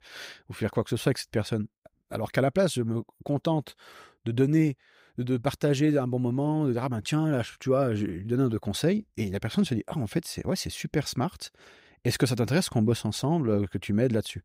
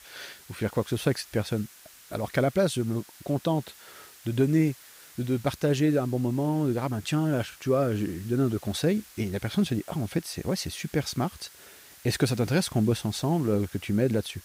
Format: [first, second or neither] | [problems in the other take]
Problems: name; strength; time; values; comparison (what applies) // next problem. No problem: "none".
first | hiss; faint; throughout; 20 dB below the speech